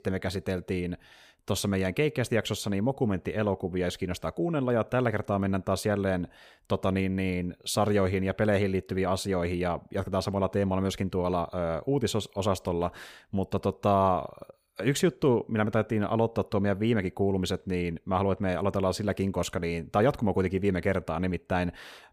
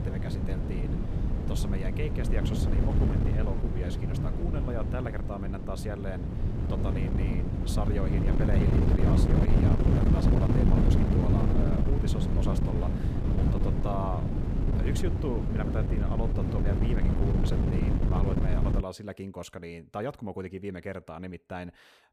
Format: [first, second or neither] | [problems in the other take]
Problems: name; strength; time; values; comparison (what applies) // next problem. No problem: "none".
first | wind noise on the microphone; heavy; until 19 s; 2 dB above the speech